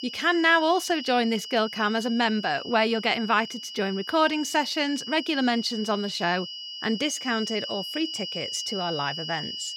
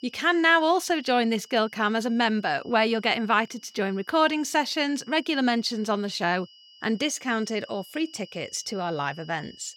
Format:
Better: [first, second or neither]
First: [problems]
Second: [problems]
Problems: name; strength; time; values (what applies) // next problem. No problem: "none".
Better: second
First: high-pitched whine; loud; throughout; 3 kHz, 9 dB below the speech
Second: high-pitched whine; faint; throughout; 3 kHz, 25 dB below the speech